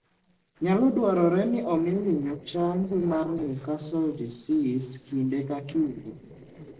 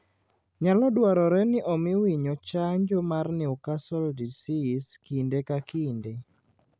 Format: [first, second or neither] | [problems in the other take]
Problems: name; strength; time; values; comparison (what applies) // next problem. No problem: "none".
second | noise reduction (neural separator model SepFormer DNS4)